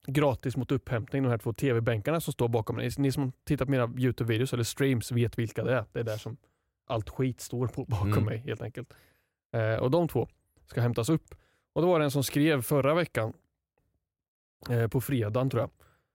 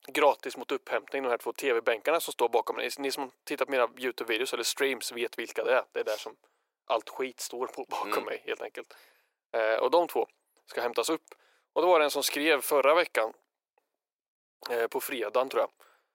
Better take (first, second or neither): first